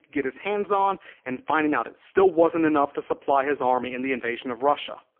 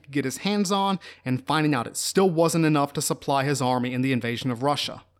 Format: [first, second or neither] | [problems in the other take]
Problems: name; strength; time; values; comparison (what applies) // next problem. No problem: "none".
second | phone-call audio; poor line; nothing above 3.5 kHz